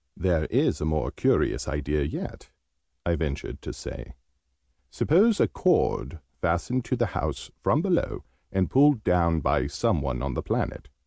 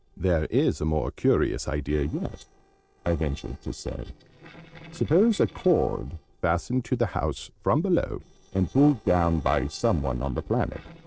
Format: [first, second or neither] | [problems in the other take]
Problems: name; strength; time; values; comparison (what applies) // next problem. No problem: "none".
first | noise reduction (neural separator model SepFormer DNS4)